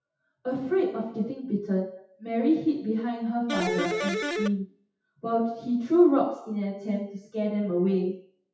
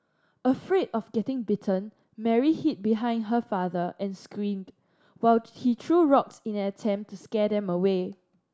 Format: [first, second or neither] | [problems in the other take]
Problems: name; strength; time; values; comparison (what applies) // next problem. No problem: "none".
second | noise reduction (classical method WPE with log-MMSE)